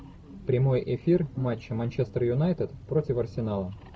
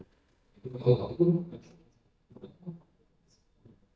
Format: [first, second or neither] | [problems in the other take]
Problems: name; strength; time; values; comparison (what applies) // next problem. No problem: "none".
first | noise reduction (neural mask model DeepFilterNet 3)